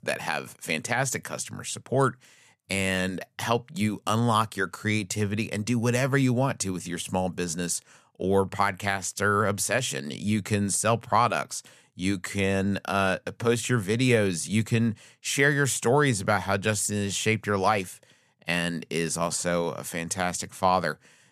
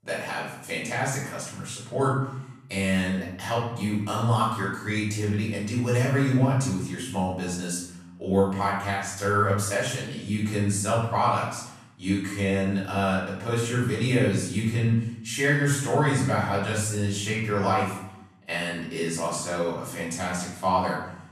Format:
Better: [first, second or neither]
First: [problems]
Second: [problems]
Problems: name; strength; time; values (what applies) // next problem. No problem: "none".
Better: first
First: none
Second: off-mic speech; far // room echo; noticeable; dies away in 0.8 s